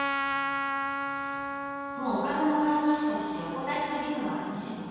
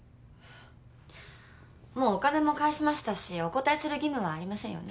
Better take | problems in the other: second | background sound (Trumpet); 4 dB below the speech // room echo; dies away in 2.1 s

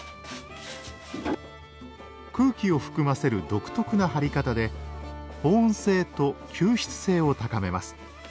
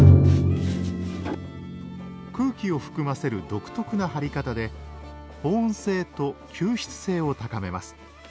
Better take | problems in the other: first | background sound (Drum); 4 dB above the speech

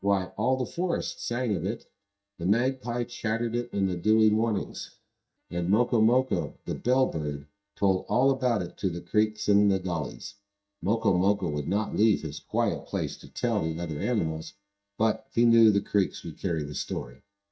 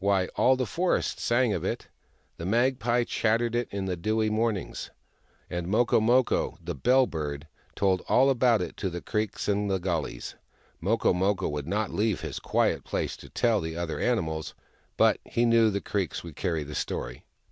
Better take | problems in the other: second | noise reduction (neural mask model DeepFilterNet 3)

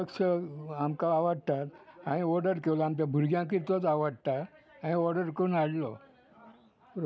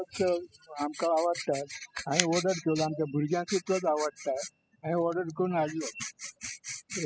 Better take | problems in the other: first | noise reduction (classical method spectral subtraction)

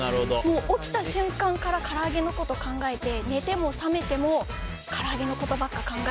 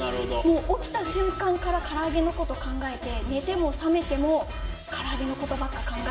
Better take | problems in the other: first | background sound (Wind instrument, woodwind instrument); 15 dB below the speech // room echo; dies away in 1.5 s

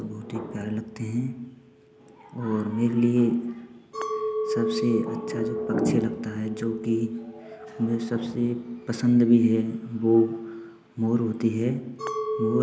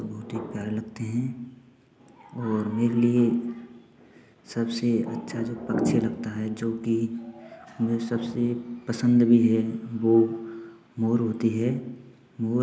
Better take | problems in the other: second | background sound (Chink, clink); 9 dB below the speech

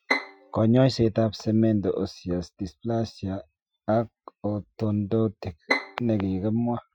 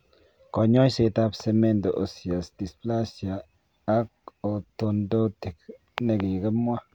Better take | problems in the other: second | noise reduction (classical method Wiener filter)

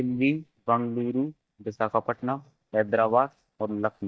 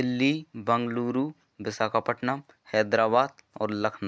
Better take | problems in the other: second | noise reduction (neural mask model DeepFilterNet 3)

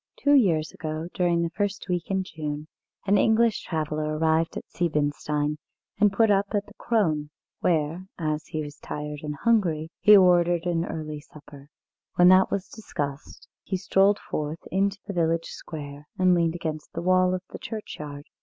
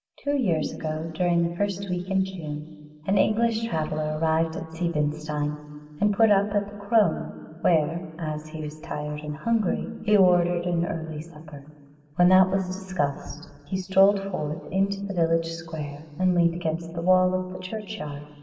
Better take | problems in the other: first | room echo; dies away in 1.9 s

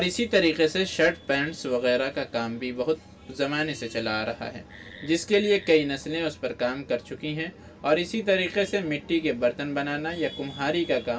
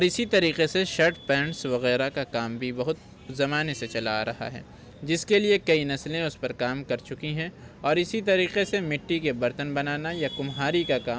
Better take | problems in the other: second | background sound (Wood); 20 dB below the speech // room echo; dies away in 0.2 s

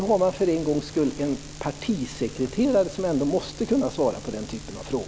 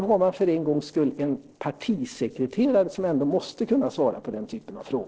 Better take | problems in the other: first | noise reduction (neural separator model SepFormer DNS4)

